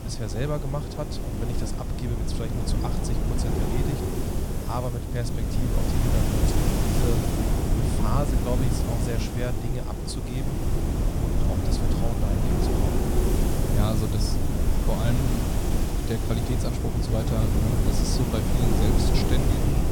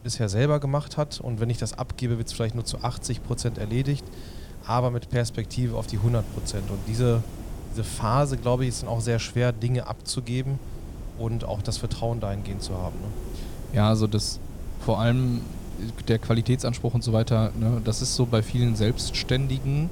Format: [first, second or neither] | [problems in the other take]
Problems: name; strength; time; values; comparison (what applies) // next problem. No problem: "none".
second | wind noise on the microphone; heavy; 2 dB above the speech; occasional gusts in the second